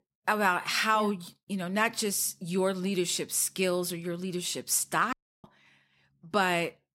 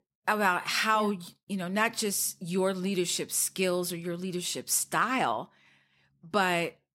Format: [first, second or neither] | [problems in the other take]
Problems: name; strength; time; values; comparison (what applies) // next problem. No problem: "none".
second | audio cutting out; at 5 s